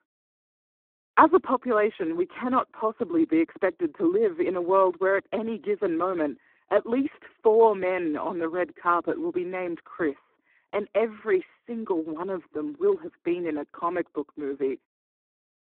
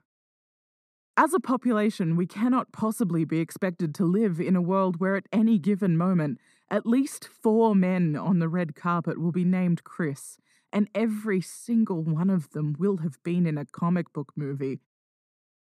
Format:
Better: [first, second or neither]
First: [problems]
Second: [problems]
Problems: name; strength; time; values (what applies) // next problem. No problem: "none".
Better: second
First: phone-call audio; poor line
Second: none